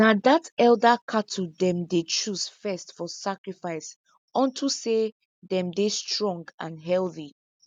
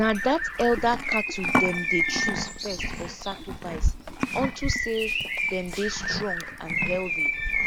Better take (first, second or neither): first